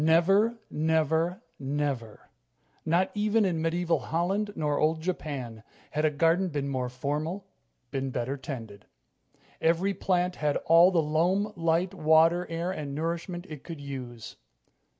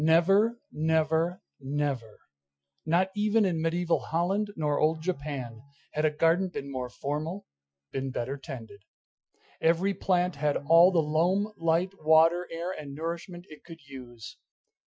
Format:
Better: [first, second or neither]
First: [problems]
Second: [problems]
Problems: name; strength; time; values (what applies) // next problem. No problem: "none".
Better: first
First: none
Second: noise reduction (classical method Wiener filter)